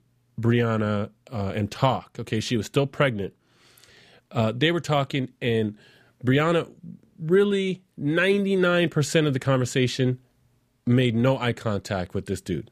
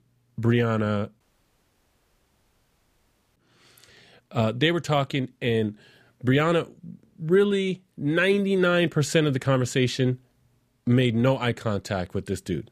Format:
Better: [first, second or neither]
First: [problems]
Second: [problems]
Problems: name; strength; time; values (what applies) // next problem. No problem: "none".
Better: first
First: none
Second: audio cutting out; at 1 s for 2 s